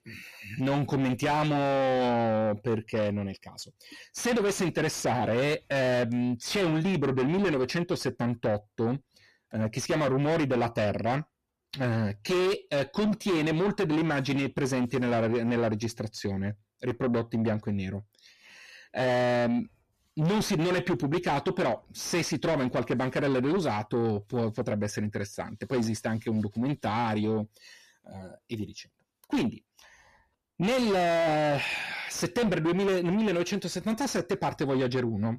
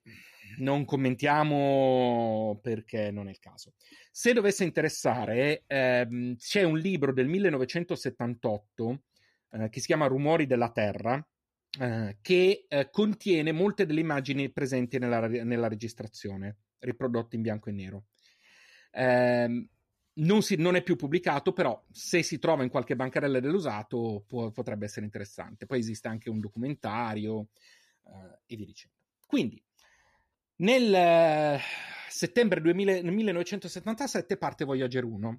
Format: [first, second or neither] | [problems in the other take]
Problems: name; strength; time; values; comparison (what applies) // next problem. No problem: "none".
second | distortion; heavy; 6 dB below the speech